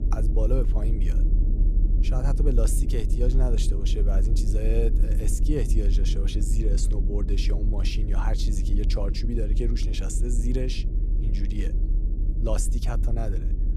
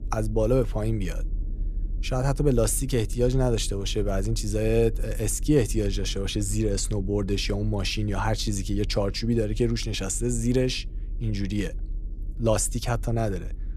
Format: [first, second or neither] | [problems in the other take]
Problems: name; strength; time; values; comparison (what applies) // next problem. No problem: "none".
second | low rumble; loud; throughout; 8 dB below the speech; faint in the second